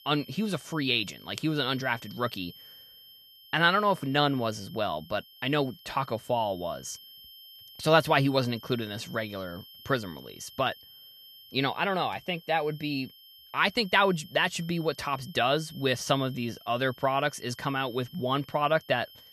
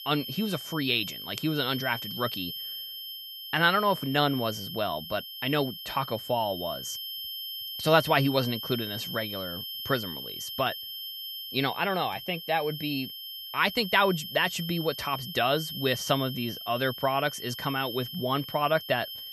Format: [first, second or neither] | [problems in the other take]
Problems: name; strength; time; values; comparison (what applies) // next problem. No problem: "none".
first | high-pitched whine; loud; throughout; 3 kHz, 8 dB below the speech; faint in the first